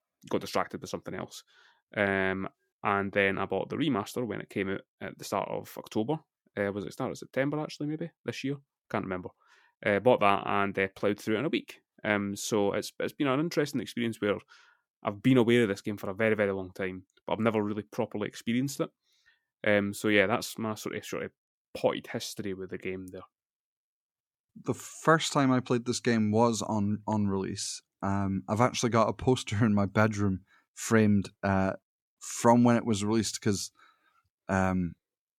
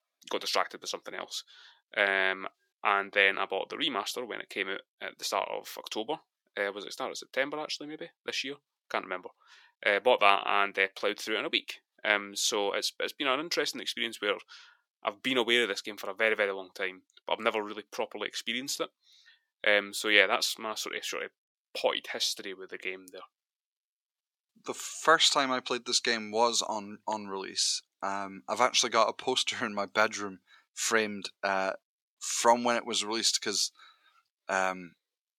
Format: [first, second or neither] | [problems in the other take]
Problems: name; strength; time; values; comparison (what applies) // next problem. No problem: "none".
first | thin; somewhat; fading below 500 Hz